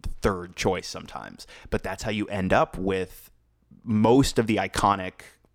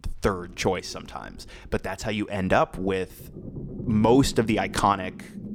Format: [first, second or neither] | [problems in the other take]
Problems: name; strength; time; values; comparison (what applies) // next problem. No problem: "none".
first | low rumble; faint; throughout; 20 dB below the speech